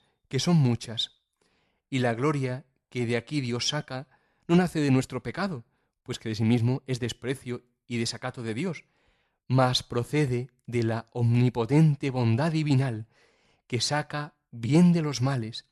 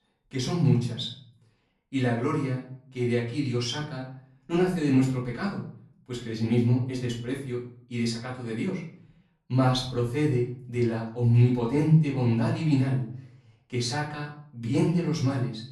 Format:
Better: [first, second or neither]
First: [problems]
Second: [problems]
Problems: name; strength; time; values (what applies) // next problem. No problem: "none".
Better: first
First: none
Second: off-mic speech; far // room echo; slight; dies away in 0.4 s